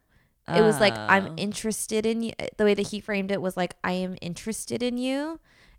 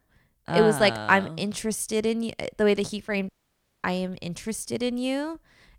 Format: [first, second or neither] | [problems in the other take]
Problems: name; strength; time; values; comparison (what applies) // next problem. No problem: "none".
first | audio cutting out; at 3.5 s for 0.5 s